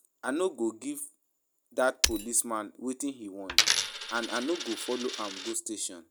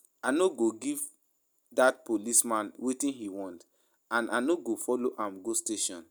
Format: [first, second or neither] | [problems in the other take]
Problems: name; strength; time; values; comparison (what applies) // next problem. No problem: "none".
second | background sound (Coin (dropping) + Shatter); 2 dB above the speech